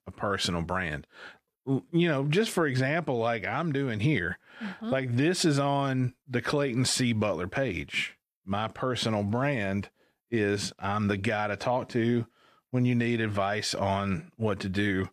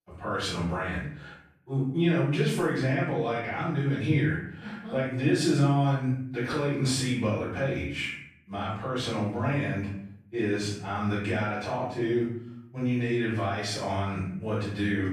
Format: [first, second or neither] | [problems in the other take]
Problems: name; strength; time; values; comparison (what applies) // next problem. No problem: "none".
first | off-mic speech; far // room echo; noticeable; dies away in 0.6 s